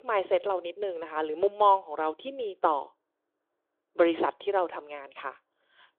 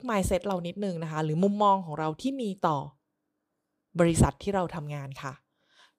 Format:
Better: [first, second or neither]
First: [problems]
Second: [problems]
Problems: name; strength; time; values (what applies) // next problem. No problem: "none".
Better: second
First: phone-call audio; nothing above 3.5 kHz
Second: none